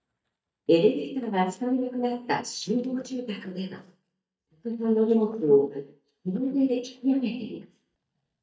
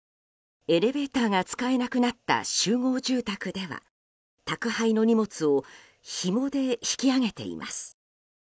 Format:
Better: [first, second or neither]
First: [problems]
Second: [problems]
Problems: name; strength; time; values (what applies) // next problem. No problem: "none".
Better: second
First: noise reduction (neural mask model DeepFilterNet 3)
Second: none